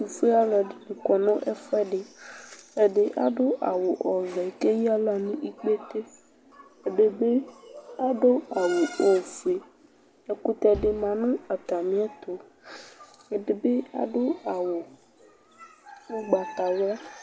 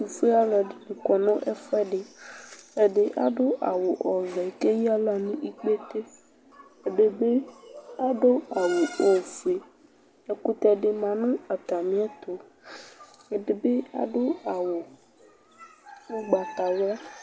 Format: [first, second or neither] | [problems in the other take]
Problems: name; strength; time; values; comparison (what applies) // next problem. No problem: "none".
second | background sound (Bass drum); 15 dB below the speech